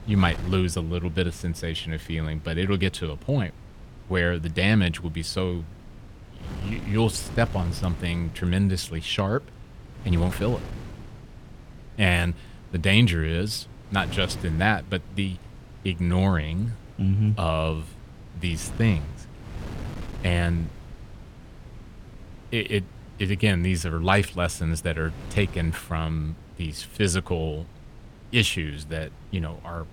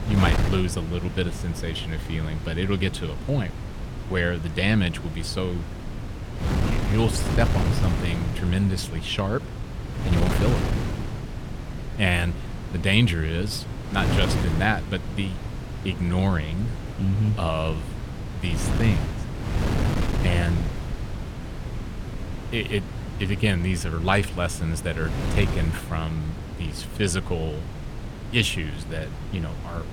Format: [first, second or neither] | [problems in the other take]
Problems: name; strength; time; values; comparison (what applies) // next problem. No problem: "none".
first | wind noise on the microphone; heavy; 7 dB below the speech; occasional gusts in the first